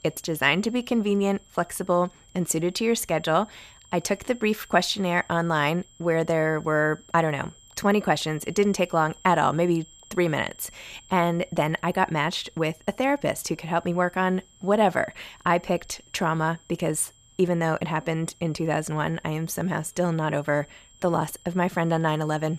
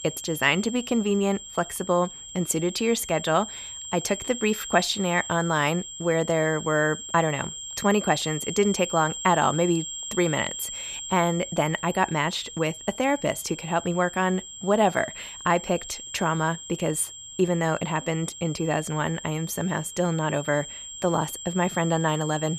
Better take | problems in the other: first | high-pitched whine; loud; throughout; 7.5 kHz, 10 dB below the speech; faint in the first

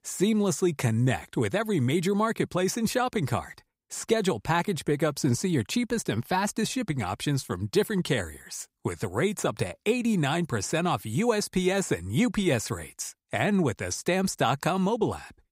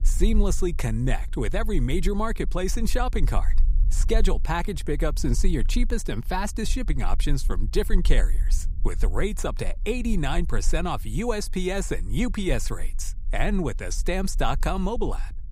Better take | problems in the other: first | low rumble; faint; throughout; 25 dB below the speech

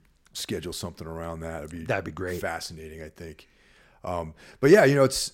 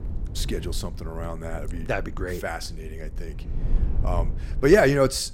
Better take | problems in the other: first | low rumble; faint; throughout; 20 dB below the speech

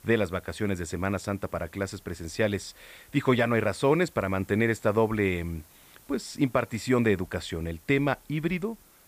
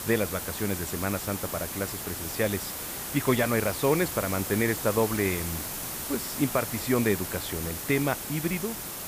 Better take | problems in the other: first | hiss; loud; throughout; 4 dB below the speech; faint in the first

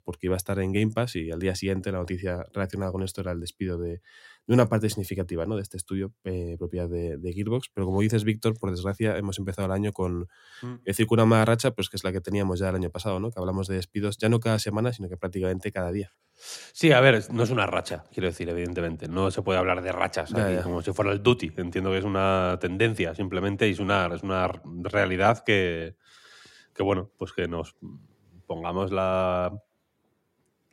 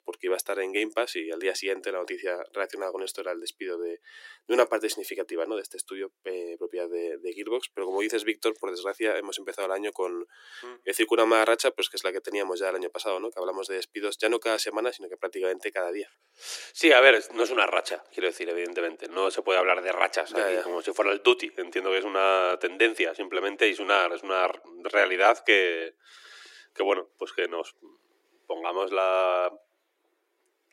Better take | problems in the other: first | thin; very; fading below 350 Hz

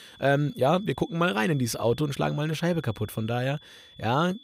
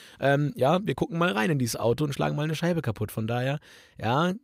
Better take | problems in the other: second | high-pitched whine; faint; throughout; 3.5 kHz, 25 dB below the speech

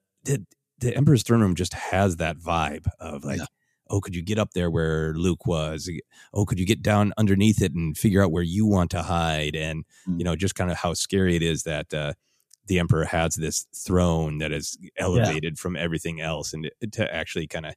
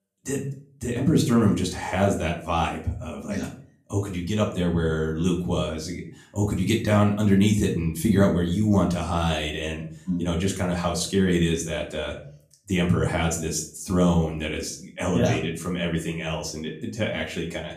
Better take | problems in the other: first | room echo; slight; dies away in 0.4 s // off-mic speech; somewhat distant

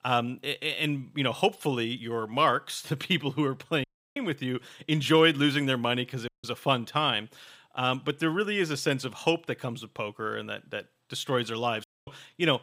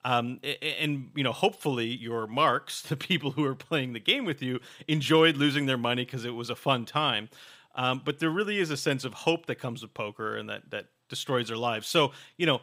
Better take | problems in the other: second | audio cutting out; at 4 s, at 6.5 s and at 12 s

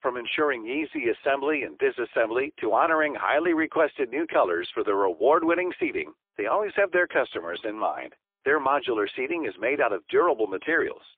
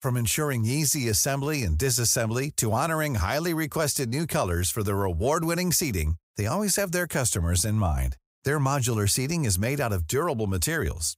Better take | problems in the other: second | phone-call audio; poor line

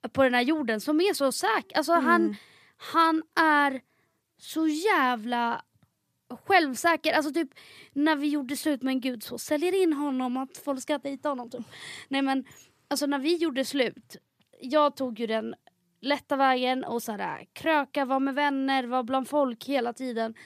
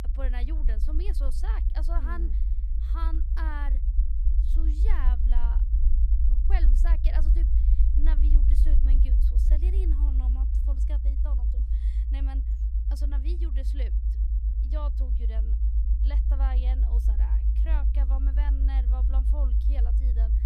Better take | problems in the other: first | low rumble; loud; throughout; 3 dB below the speech

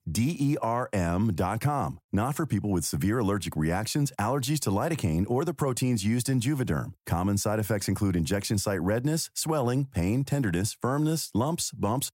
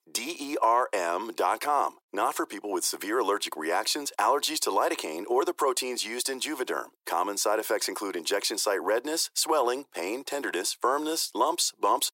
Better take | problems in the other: first | thin; very; fading below 350 Hz

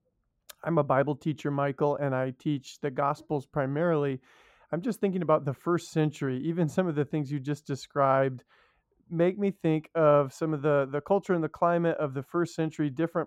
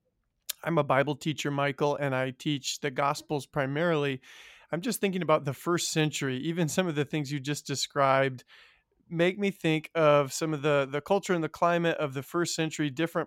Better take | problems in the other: second | muffled; slightly; fading above 1.5 kHz

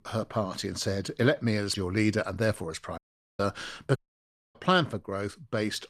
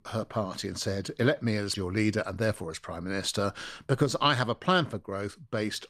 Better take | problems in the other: second | audio cutting out; at 3 s and at 4 s for 0.5 s

